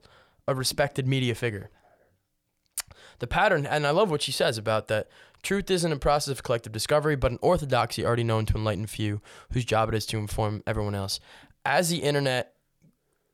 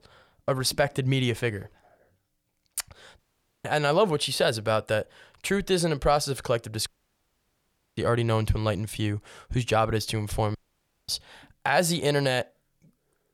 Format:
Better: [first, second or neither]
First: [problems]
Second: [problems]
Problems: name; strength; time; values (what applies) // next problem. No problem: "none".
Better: first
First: none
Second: audio cutting out; at 3 s, at 7 s for 1 s and at 11 s for 0.5 s